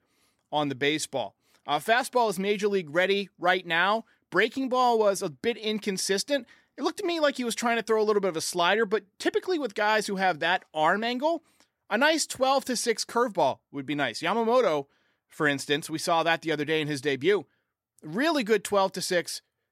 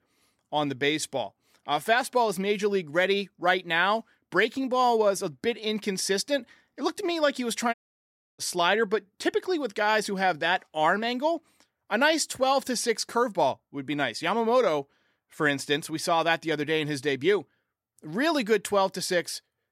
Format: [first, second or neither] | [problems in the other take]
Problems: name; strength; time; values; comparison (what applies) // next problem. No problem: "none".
first | audio cutting out; at 7.5 s for 0.5 s